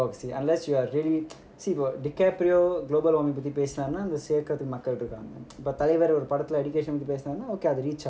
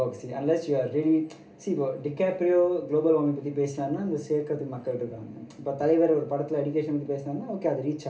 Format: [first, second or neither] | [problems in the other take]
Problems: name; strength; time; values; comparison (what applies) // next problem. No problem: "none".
first | room echo; dies away in 0.3 s